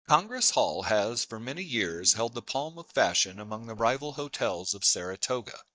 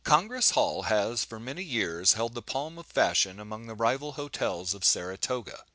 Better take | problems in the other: second | noise reduction (neural mask model DeepFilterNet 3)

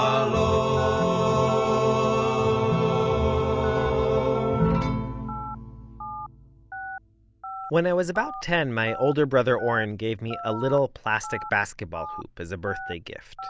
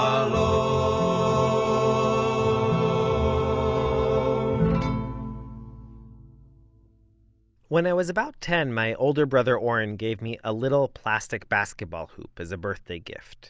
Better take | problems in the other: second | background sound (Telephone); 14 dB below the speech

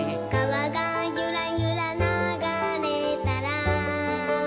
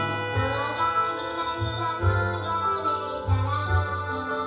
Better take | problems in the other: first | background sound (Trumpet); 11 dB below the speech // room echo; dies away in 0.7 s

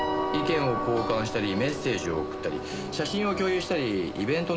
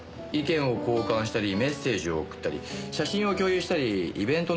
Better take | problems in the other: second | background sound (Train + Piano); 5 dB below the speech

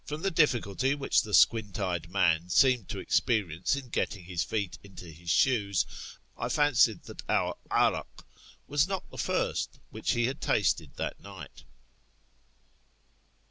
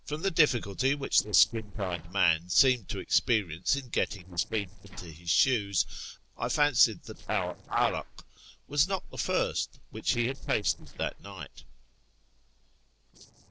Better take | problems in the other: first | noise reduction (neural separator model SepFormer DNS4)

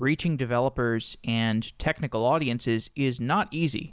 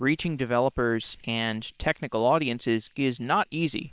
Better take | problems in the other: first | noise reduction (neural separator model SepFormer WHAM!)

